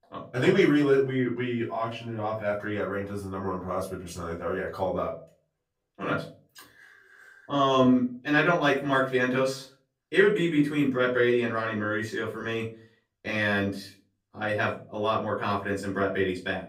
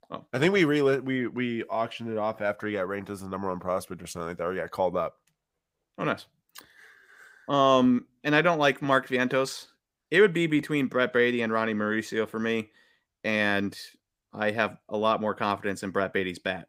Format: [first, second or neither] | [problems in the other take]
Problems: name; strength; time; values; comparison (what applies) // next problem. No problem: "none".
second | off-mic speech; far // room echo; slight; dies away in 0.3 s